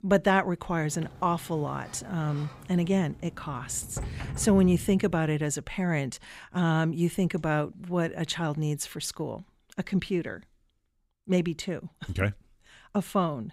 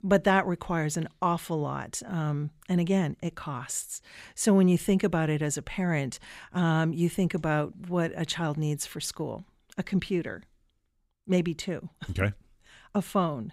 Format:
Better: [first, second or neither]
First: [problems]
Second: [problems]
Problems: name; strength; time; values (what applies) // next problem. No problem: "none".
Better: second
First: door banging; noticeable; from 1 to 5 s; peak 8 dB below the speech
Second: none